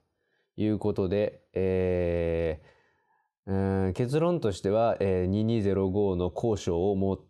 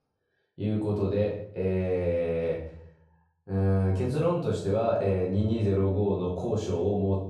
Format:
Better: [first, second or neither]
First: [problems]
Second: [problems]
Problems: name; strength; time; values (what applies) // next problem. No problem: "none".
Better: first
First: none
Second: room echo; noticeable; dies away in 0.5 s // off-mic speech; far